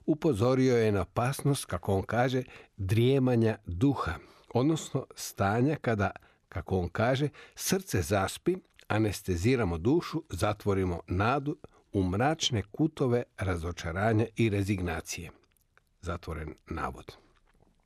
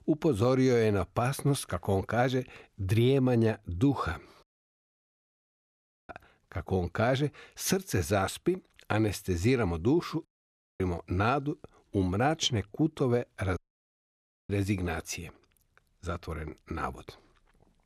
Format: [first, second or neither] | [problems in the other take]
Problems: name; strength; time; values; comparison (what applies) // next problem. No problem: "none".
first | audio cutting out; at 4.5 s for 1.5 s, at 10 s for 0.5 s and at 14 s for 1 s